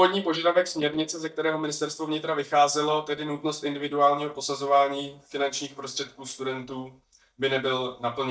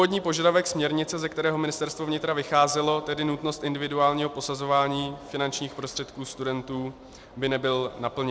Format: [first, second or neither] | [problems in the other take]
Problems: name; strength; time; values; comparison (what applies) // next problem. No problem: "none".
second | noise reduction (neural mask model DeepFilterNet 3)